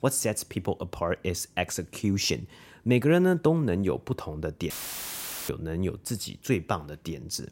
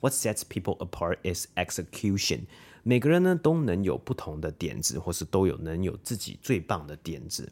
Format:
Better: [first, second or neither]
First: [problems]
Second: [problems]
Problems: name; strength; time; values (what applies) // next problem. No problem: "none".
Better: second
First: audio cutting out; filled with static; at 4.5 s for 1 s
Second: none